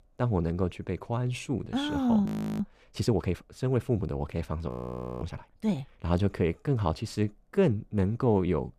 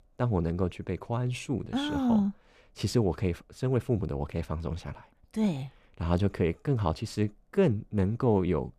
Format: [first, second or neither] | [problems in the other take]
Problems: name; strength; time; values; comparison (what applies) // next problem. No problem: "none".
second | audio freezing; at 2.5 s and at 4.5 s for 0.5 s